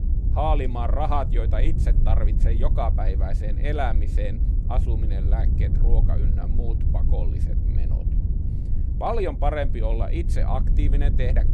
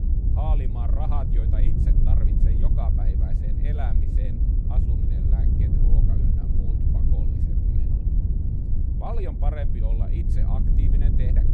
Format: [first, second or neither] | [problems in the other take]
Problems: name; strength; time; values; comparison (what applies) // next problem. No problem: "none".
first | wind noise on the microphone; heavy; 1 dB above the speech; occasional gusts in the first